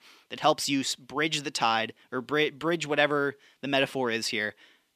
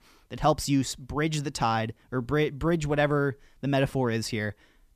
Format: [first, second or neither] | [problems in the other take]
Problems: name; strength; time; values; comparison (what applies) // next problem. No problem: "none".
second | thin; very slightly; fading below 250 Hz